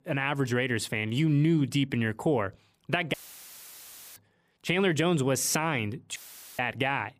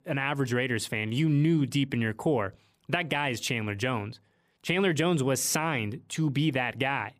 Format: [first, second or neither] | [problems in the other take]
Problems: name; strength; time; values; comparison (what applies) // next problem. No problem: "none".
second | audio cutting out; filled with static; at 3 s for 1 s and at 6 s